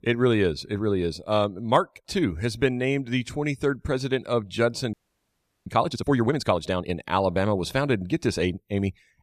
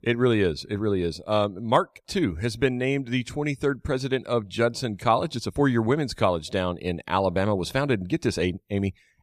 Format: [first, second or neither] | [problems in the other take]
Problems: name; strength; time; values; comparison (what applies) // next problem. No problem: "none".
second | audio freezing; at 5 s for 0.5 s